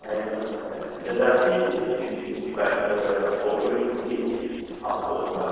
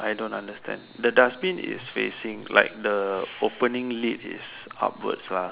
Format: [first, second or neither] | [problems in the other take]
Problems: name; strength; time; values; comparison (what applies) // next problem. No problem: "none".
second | noise reduction (neural separator model SepFormer DNS4)